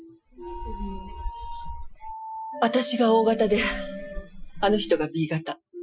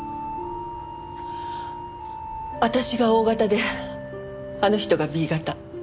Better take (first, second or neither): second